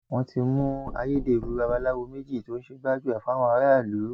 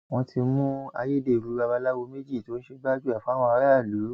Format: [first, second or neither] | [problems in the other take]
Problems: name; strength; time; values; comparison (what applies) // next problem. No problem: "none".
second | background sound (Knock); 14 dB below the speech